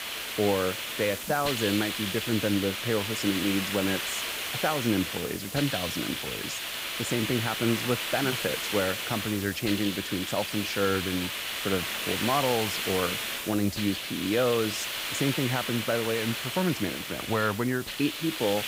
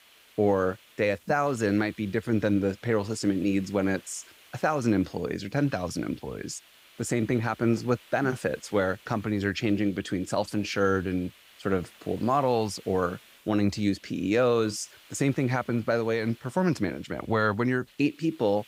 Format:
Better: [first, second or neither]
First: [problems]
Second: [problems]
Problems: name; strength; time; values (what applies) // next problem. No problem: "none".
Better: second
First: hiss; loud; throughout; 2 dB below the speech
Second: hiss; faint; throughout; 25 dB below the speech